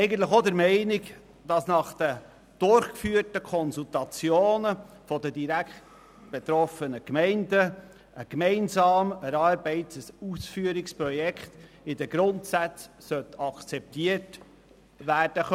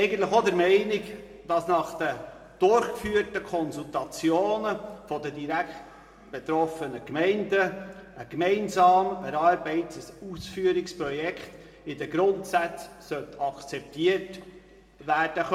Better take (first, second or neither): first